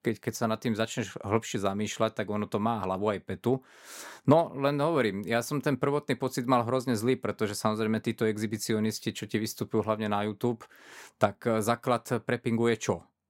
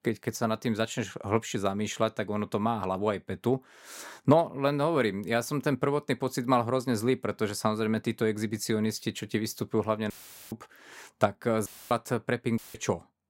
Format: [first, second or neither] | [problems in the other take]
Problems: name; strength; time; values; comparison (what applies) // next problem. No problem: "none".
first | audio cutting out; filled with static; at 10 s, at 12 s and at 13 s